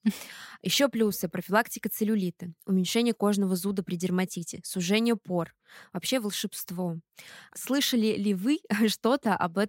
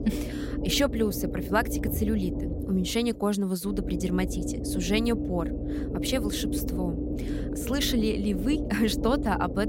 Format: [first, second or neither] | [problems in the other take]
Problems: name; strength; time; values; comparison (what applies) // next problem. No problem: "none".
first | low rumble; loud; throughout; 6 dB below the speech